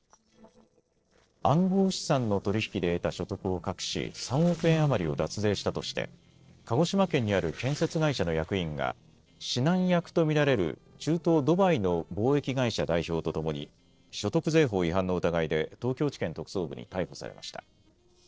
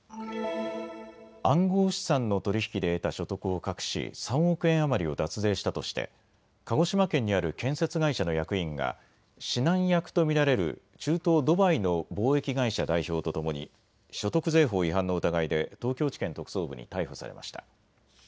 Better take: second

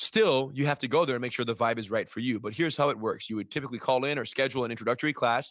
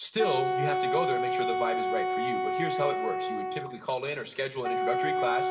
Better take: first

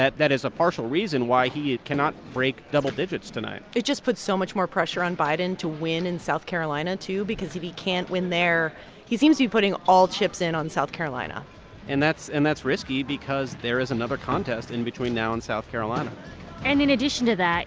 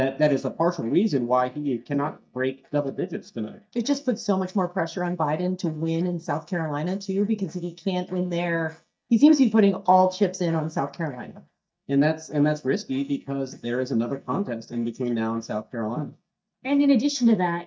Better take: first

